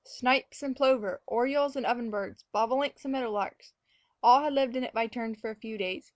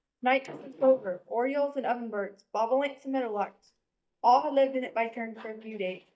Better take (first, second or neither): first